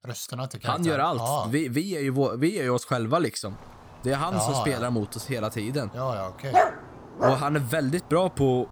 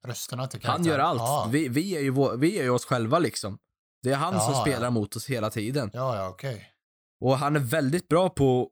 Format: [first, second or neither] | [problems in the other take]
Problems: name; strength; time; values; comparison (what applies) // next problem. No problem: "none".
second | dog barking; loud; at 6.5 s; peak 4 dB above the speech